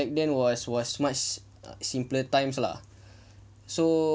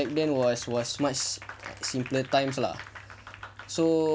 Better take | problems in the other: first | background sound (Applause); 17 dB below the speech

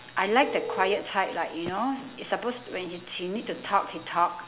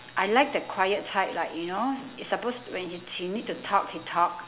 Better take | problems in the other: second | background sound (Telephone); 13 dB below the speech

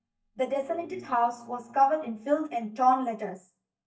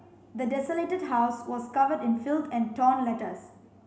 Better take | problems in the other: second | noise reduction (neural mask model DeepFilterNet 3)

